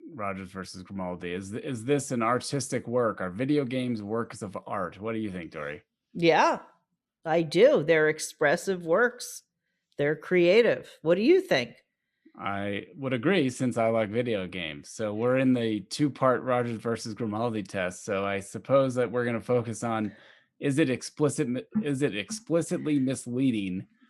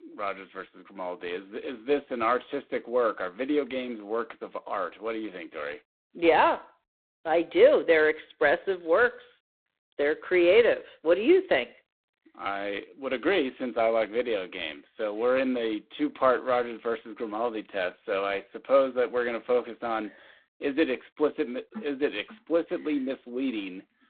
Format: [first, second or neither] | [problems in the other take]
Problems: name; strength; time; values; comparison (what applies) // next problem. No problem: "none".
first | phone-call audio; poor line; nothing above 4 kHz